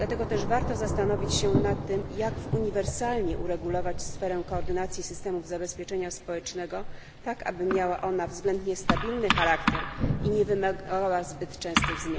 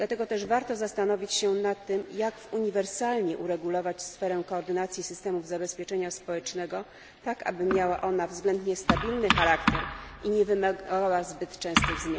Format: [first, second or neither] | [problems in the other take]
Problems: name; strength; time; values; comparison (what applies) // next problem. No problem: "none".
second | background sound (Thunder / Rain); 4 dB below the speech